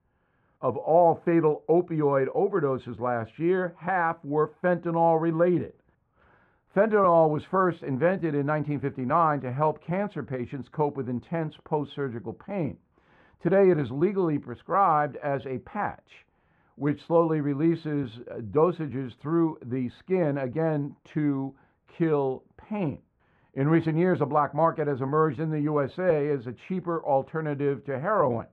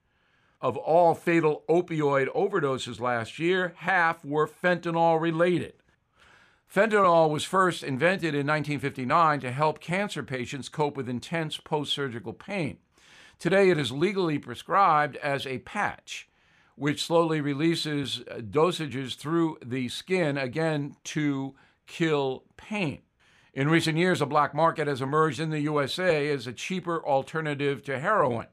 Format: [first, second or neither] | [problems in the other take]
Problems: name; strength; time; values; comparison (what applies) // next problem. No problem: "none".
second | muffled; very; fading above 3 kHz